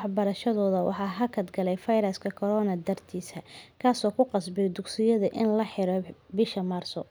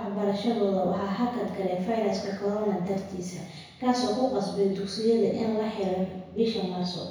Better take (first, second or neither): first